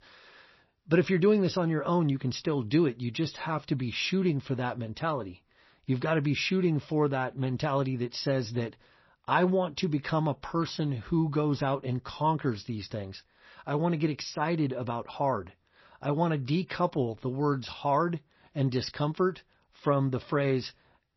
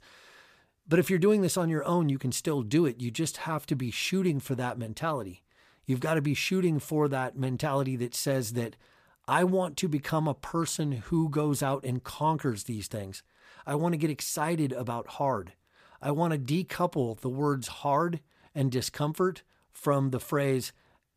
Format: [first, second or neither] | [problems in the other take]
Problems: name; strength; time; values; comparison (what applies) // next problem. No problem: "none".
second | garbled, watery; slightly; nothing above 5.5 kHz